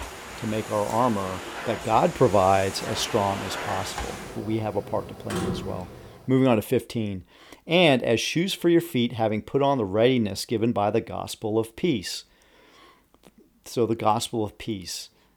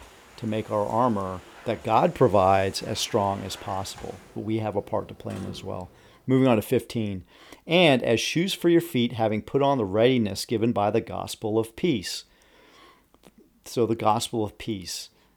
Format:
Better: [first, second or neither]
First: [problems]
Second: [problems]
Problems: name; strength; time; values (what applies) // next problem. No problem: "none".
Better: second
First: household noises; loud; until 6 s; 10 dB below the speech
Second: household noises; faint; until 6 s; 20 dB below the speech